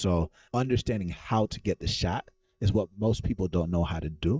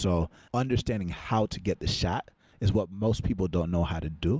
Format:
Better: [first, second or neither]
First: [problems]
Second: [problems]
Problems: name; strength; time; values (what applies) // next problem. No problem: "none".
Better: second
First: noise reduction (neural mask model DeepFilterNet 3)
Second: none